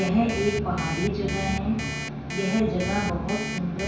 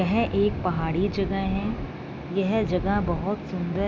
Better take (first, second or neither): second